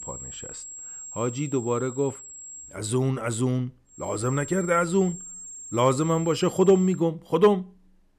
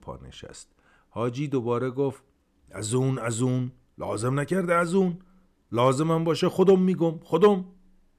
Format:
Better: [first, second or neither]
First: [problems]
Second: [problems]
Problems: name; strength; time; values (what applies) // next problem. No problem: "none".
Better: second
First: high-pitched whine; noticeable; until 2.5 s and from 4 to 7 s; 7.5 kHz, 15 dB below the speech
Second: none